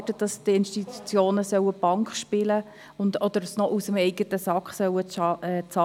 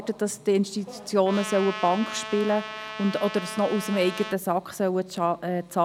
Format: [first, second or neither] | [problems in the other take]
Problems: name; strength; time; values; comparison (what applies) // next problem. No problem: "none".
first | background sound (Trumpet); 11 dB below the speech